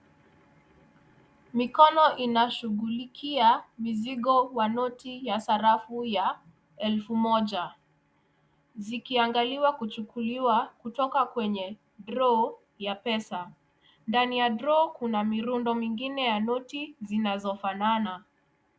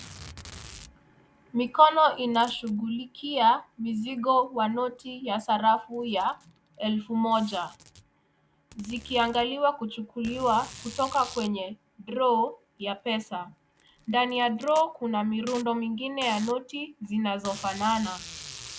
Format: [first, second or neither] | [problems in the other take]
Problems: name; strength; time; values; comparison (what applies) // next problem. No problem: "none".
first | background sound (Packing tape, duct tape); 20 dB below the speech